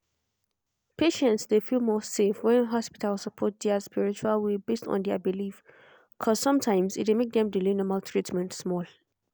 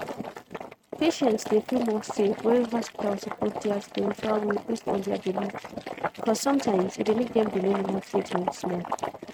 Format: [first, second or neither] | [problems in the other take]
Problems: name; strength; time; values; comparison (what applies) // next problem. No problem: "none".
first | noise reduction (neural mask model RNNoise)